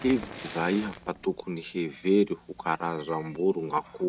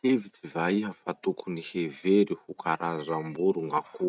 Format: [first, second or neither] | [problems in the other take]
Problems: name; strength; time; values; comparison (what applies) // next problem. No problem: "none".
second | background sound (Fire); 18 dB below the speech